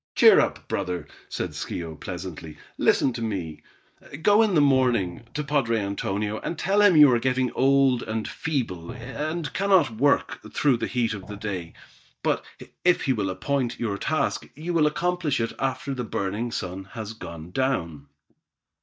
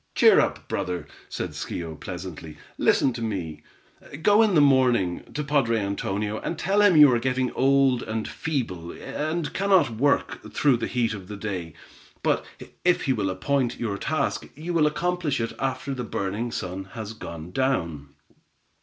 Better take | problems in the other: second | noise reduction (neural mask model DeepFilterNet 3)

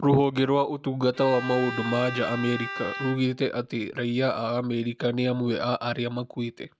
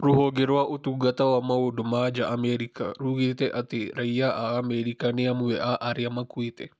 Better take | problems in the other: second | background sound (Bowed string instrument); 10 dB below the speech

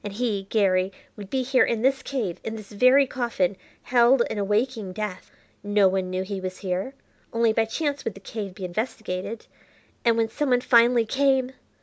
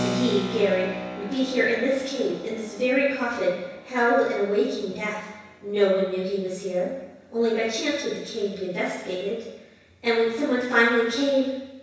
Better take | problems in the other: first | background sound (Keyboard (musical)); 13 dB below the speech // room echo; dies away in 1.1 s

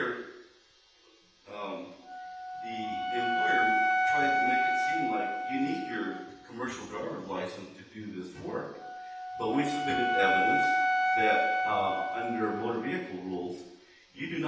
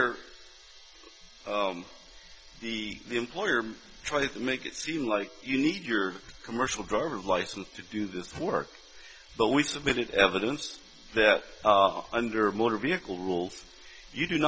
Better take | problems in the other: second | background sound (Wind instrument, woodwind instrument); 4 dB above the speech // room echo; dies away in 0.9 s

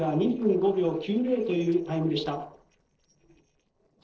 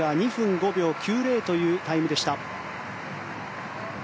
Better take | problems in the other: second | noise reduction (neural separator model SepFormer DNS4)

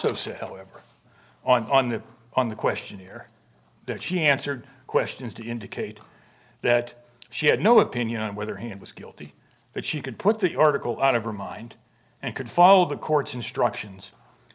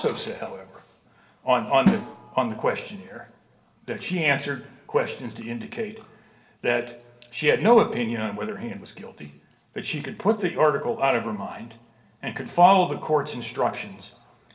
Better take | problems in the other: first | background sound (Drum); 6 dB below the speech // room echo; dies away in 1 s

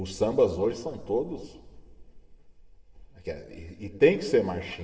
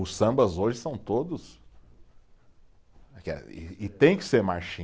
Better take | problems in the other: second | room echo; dies away in 1.6 s

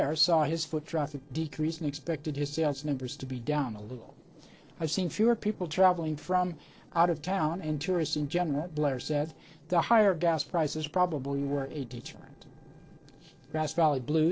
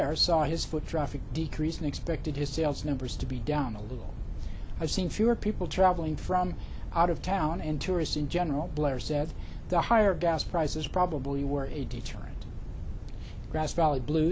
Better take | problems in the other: second | noise reduction (neural separator model SepFormer DNS4)

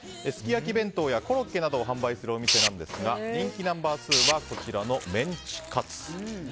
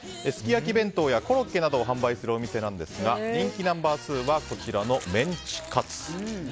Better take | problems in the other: second | background sound (Tools); 3 dB above the speech

